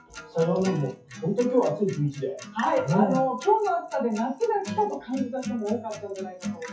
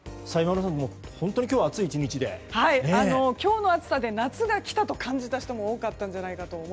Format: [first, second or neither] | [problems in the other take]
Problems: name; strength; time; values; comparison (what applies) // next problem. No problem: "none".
second | noise reduction (classical method WPE with log-MMSE)